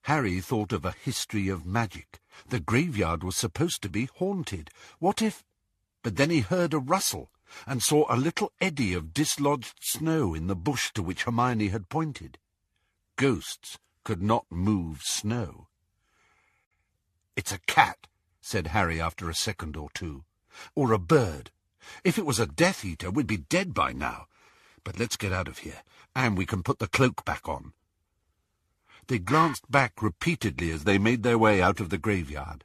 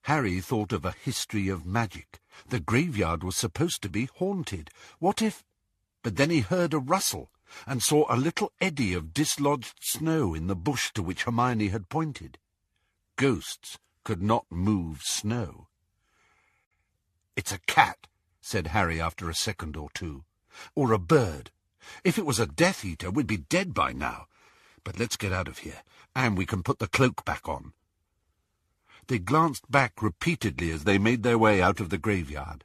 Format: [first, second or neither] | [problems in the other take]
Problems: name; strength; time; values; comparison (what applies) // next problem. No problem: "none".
second | dog barking; noticeable; at 29 s; peak 4 dB below the speech